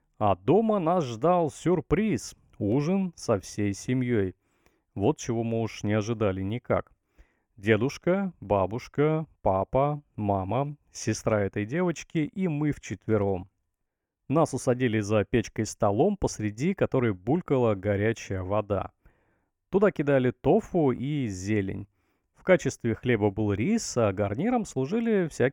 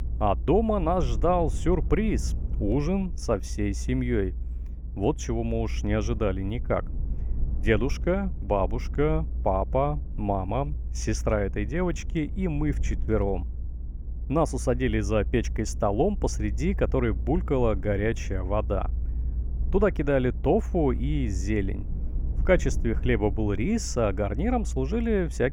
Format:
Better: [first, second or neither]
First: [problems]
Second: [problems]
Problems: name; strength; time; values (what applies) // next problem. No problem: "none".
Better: first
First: none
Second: low rumble; faint; throughout; 20 dB below the speech